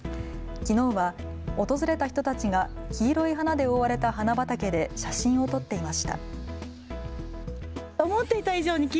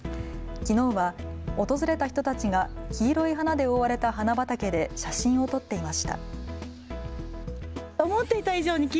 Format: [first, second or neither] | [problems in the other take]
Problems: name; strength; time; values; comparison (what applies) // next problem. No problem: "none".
second | background sound (Electric guitar); 12 dB below the speech